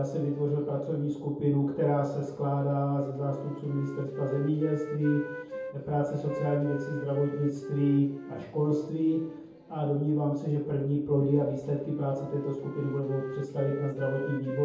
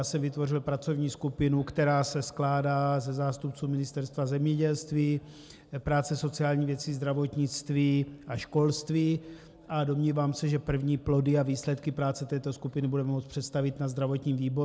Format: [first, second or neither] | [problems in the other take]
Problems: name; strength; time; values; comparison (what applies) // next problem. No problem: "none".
second | background sound (Wind instrument, woodwind instrument); 13 dB below the speech // room echo; dies away in 0.7 s